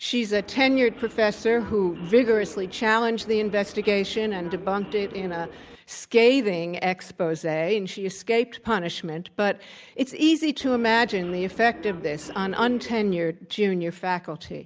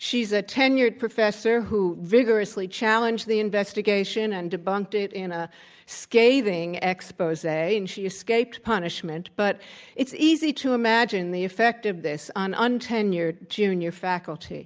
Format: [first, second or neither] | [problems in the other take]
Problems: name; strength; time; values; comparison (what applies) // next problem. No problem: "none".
second | background sound (Subway, metro, underground); 17 dB below the speech